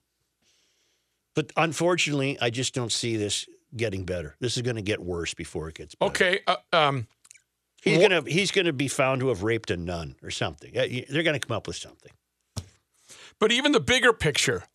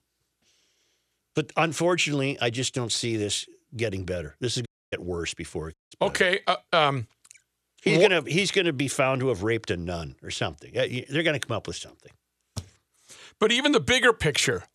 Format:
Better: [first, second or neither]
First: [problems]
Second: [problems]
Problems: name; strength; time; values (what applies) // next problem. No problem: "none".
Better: first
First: none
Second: audio cutting out; at 4.5 s and at 5.5 s